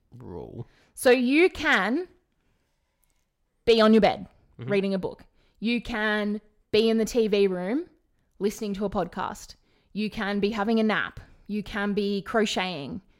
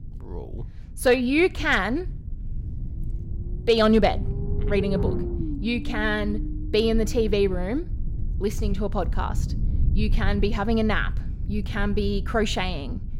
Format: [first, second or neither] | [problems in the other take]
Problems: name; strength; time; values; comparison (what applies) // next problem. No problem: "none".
first | low rumble; noticeable; throughout; 15 dB below the speech